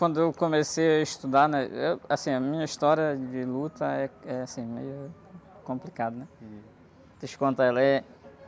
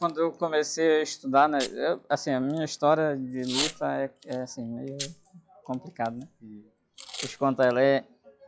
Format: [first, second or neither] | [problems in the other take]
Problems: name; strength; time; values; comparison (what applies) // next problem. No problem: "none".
first | noise reduction (classical method log-MMSE)